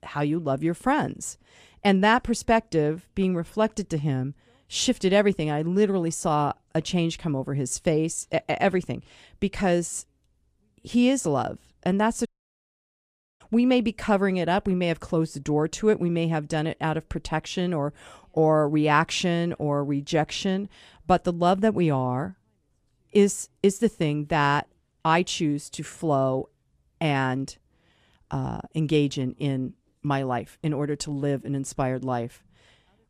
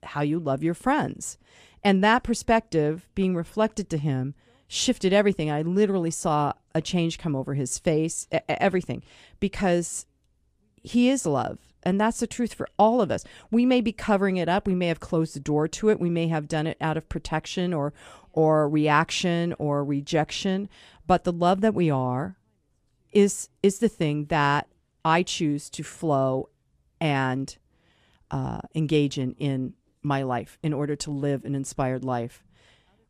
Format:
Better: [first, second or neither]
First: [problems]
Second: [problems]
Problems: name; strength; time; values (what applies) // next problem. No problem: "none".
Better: second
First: audio cutting out; at 12 s for 1 s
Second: none